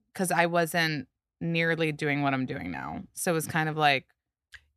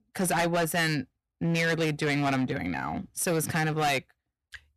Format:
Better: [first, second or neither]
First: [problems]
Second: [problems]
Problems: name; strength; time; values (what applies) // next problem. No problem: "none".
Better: first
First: none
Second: distortion; heavy; 15% of the sound clipped